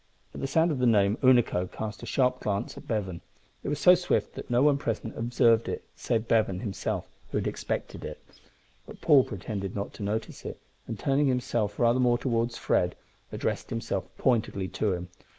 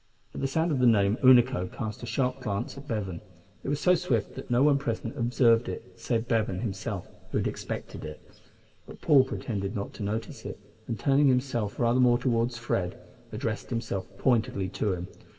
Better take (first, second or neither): first